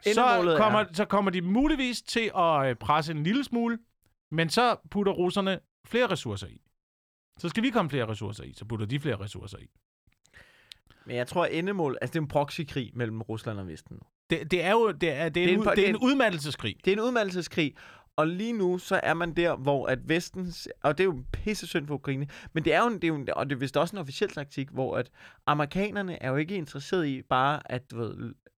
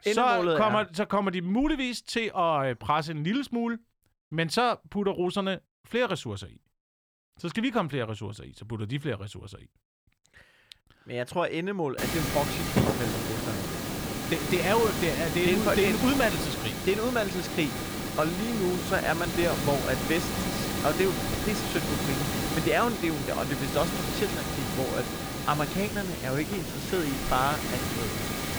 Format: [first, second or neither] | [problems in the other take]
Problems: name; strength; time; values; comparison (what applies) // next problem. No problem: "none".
first | hiss; loud; from 12 s on; 2 dB below the speech